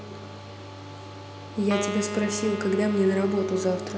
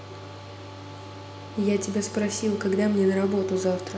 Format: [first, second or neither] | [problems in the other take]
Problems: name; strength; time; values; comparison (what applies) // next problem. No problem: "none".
second | background sound (Wind instrument, woodwind instrument); 8 dB below the speech